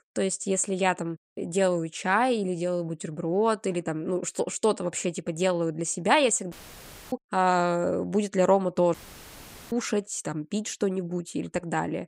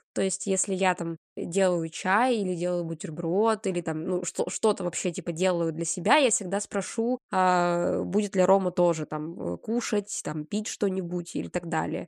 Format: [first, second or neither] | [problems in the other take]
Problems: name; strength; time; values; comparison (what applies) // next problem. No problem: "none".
second | audio cutting out; filled with static; at 6.5 s for 0.5 s and at 9 s for 1 s